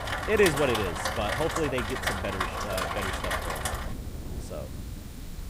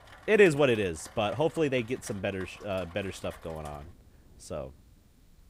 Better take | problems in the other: second | rain or running water; loud; throughout; 2 dB below the speech; faint in the second

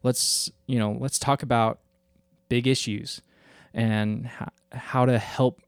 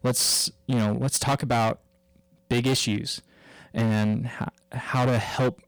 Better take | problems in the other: first | distortion; heavy; 14% of the sound clipped

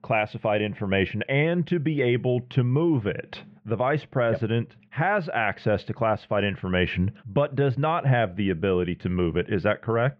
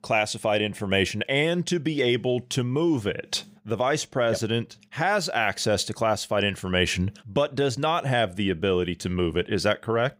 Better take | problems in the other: second | muffled; very; fading above 2.5 kHz

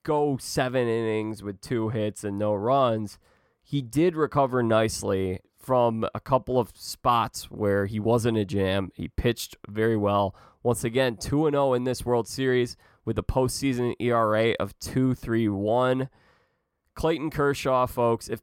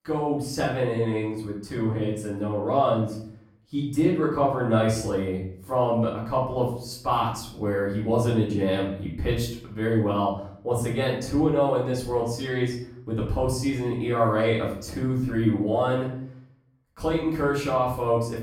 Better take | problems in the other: first | room echo; noticeable; dies away in 0.6 s // off-mic speech; far

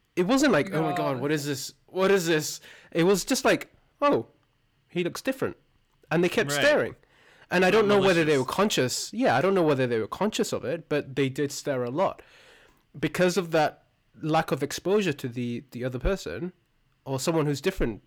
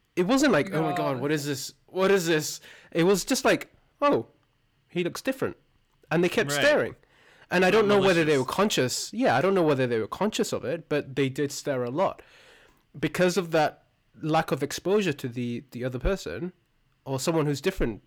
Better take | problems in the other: neither | distortion; slight; 10 dB below the speech; the same in both

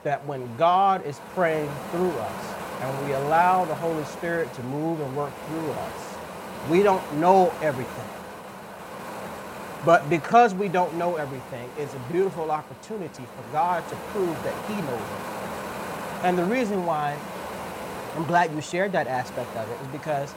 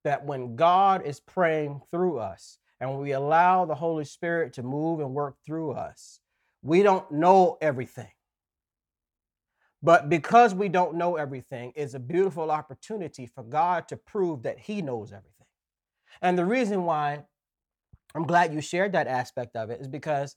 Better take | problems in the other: second | wind noise on the microphone; occasional gusts; 10 dB below the speech

